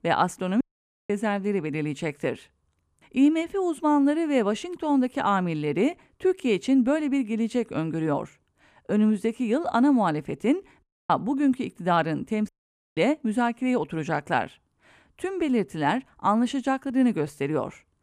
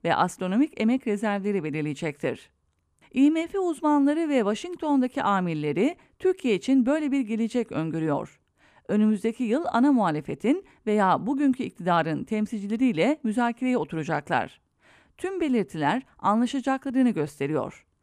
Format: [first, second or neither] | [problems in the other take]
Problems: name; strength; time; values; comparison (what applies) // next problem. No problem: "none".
second | audio cutting out; at 0.5 s, at 11 s and at 12 s